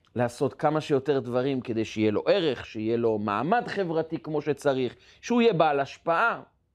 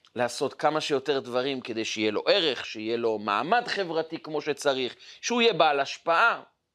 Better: first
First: none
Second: thin; very slightly; fading below 1 kHz

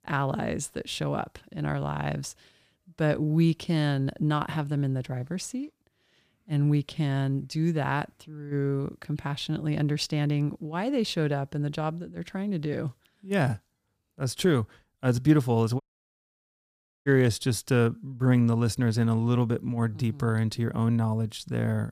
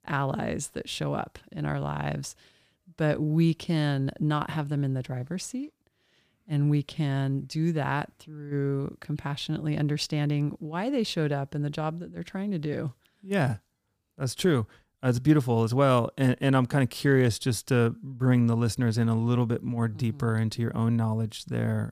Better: second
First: audio cutting out; at 16 s for 1.5 s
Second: none

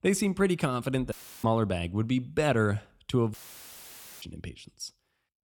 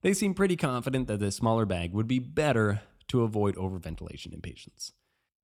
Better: second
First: audio cutting out; filled with static; at 1 s and at 3.5 s for 1 s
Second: none

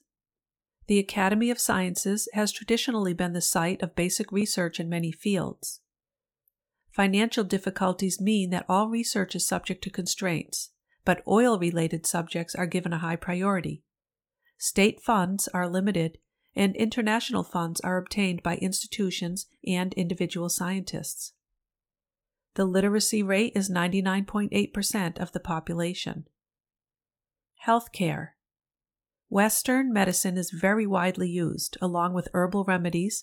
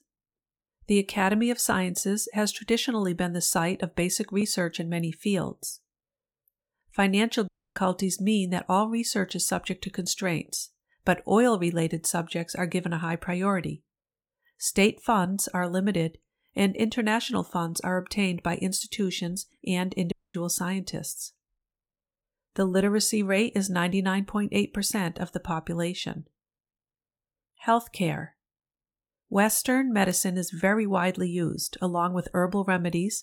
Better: first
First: none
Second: audio cutting out; at 7.5 s and at 20 s

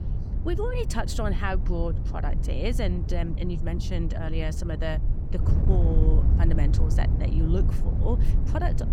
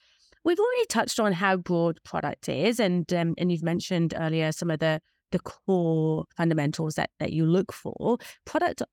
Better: second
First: wind noise on the microphone; heavy; 7 dB below the speech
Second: none

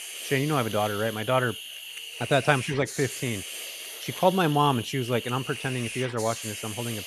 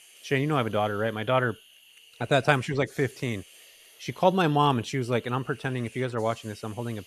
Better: second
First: hiss; loud; throughout; 9 dB below the speech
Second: hiss; faint; throughout; 25 dB below the speech

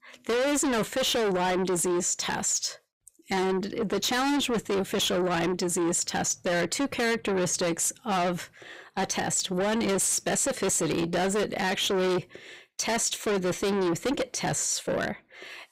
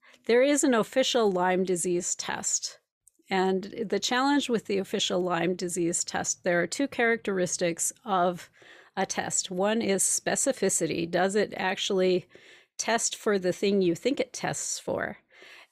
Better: second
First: distortion; heavy; 6 dB below the speech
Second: none

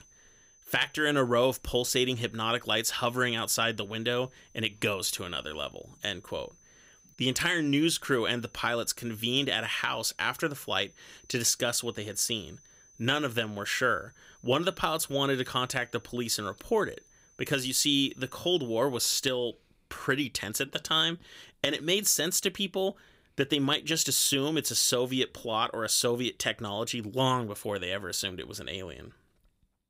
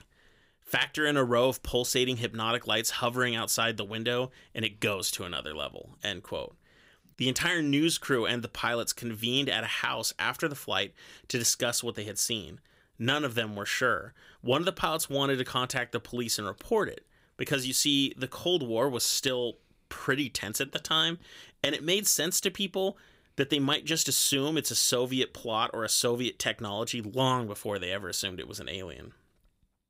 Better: second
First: high-pitched whine; faint; until 19 s; 6 kHz, 30 dB below the speech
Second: none

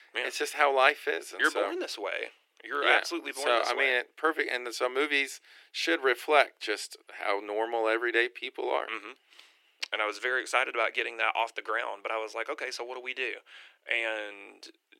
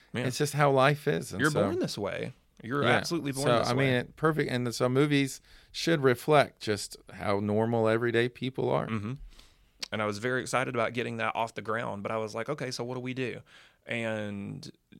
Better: second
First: thin; very; fading below 300 Hz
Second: none

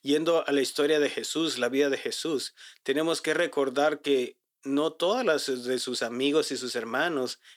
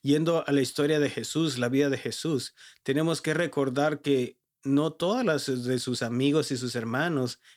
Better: second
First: thin; very slightly; fading below 400 Hz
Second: none

